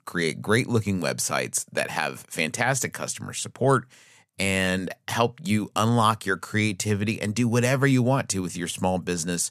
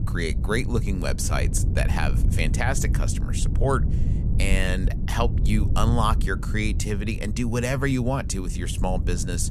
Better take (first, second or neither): first